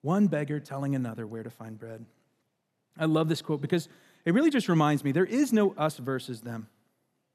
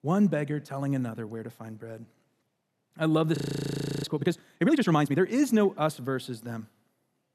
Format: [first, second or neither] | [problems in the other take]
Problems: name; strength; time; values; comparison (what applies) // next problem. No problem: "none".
first | audio freezing; at 3.5 s for 0.5 s